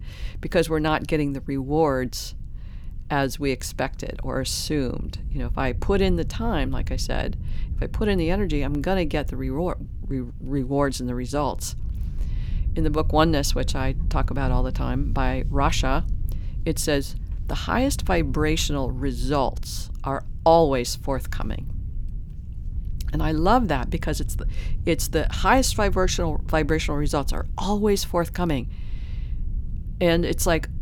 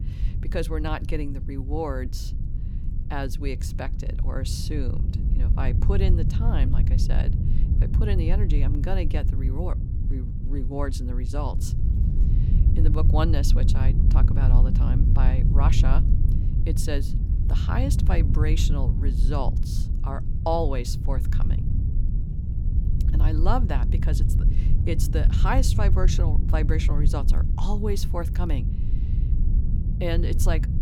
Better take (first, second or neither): first